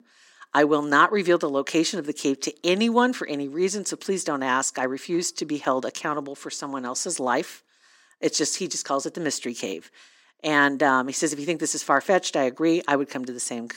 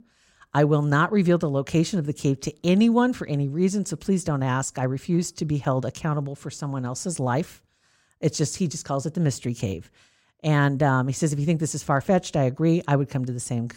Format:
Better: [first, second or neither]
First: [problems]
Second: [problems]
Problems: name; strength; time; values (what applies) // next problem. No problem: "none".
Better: second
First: thin; somewhat; fading below 300 Hz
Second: none